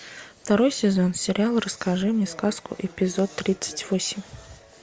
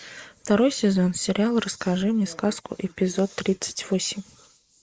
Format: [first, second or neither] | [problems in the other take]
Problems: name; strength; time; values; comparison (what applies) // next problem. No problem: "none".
first | noise reduction (neural mask model Resemble Enhance denoiser)